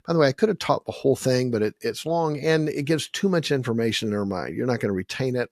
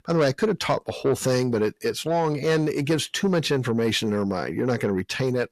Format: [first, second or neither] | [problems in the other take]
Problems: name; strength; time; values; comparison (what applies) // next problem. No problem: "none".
first | distortion; slight; 10 dB below the speech